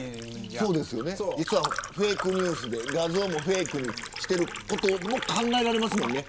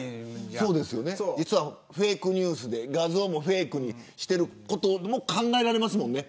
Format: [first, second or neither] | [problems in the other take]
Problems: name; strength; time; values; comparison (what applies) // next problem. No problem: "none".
second | background sound (Liquid); 8 dB below the speech